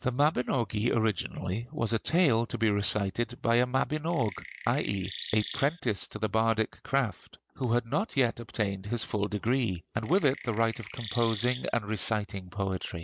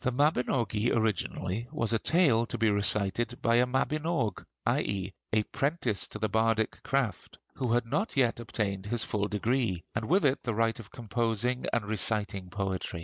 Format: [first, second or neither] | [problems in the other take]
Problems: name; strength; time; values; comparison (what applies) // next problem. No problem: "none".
second | background sound (Chirp, tweet); 13 dB below the speech